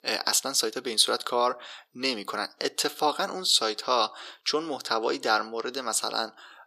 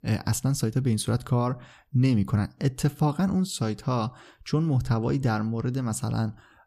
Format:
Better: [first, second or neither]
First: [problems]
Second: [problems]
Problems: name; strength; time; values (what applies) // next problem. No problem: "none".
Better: second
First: thin; very; fading below 400 Hz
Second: none